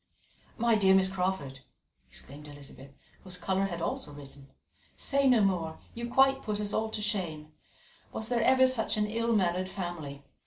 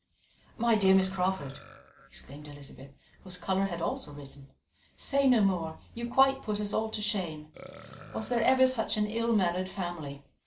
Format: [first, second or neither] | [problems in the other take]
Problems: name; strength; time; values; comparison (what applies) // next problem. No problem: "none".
first | background sound (Burping, eructation); 20 dB below the speech